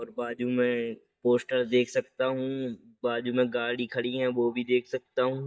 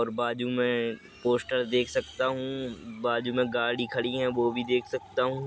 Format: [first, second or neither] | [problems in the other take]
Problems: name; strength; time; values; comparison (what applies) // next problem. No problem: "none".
second | noise reduction (neural mask model DeepFilterNet 3)